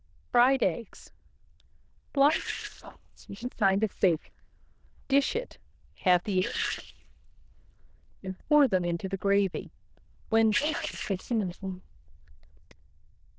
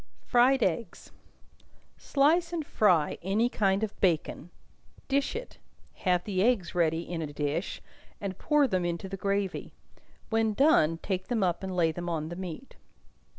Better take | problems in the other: second | noise reduction (neural diffusion model UNIVERSE++)

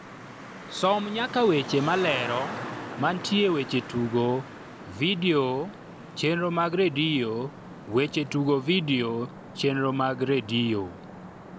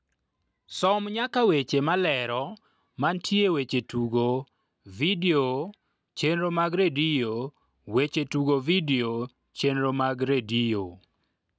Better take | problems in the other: second | background sound (Traffic noise, roadway noise); 13 dB below the speech

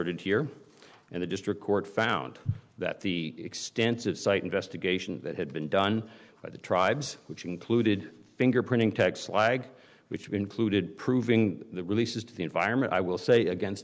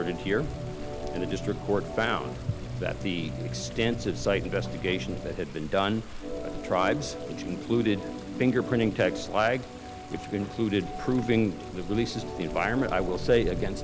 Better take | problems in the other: first | background sound (Water + Organ); 6 dB below the speech

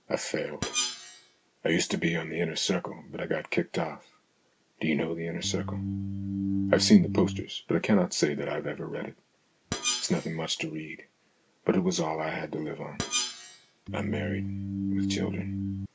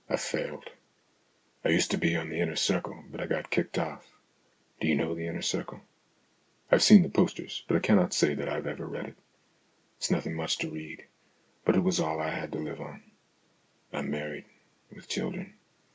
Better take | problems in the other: second | background sound (Screech + Organ); 3 dB below the speech

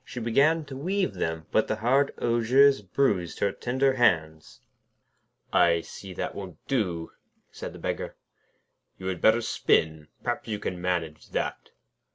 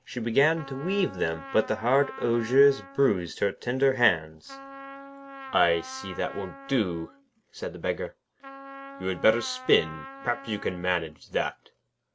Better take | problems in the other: first | background sound (Trumpet); 16 dB below the speech

